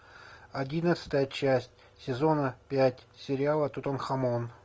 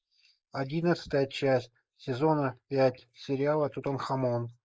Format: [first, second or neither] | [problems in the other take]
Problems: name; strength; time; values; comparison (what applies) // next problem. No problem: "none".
first | noise reduction (neural mask model Resemble Enhance denoiser)